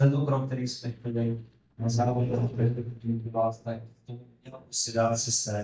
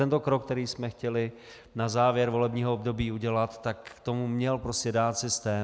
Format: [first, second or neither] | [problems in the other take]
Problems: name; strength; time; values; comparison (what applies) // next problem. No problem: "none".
second | noise reduction (neural mask model DeepFilterNet 3)